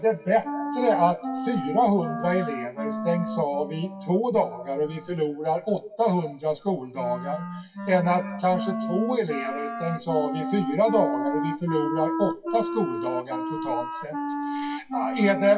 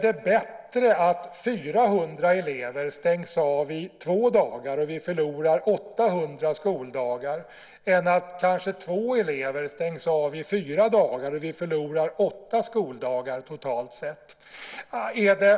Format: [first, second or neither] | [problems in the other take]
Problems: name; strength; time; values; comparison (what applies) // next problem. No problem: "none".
second | noise reduction (classical method WPE with log-MMSE)